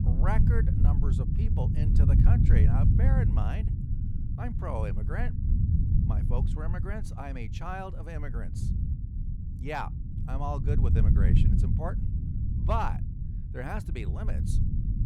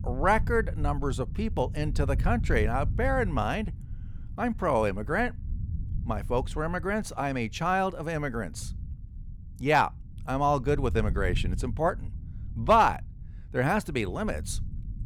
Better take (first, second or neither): second